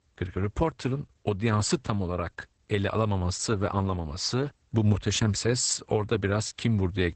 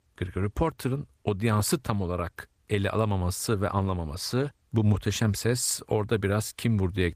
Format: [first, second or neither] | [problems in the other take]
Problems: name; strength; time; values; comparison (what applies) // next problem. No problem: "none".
second | garbled, watery; badly; nothing above 8 kHz; slightly in the second